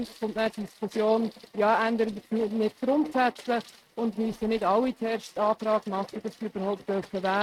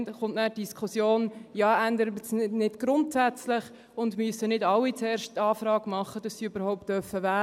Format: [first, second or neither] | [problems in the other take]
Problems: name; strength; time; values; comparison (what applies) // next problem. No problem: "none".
second | noise reduction (neural mask model RNNoise)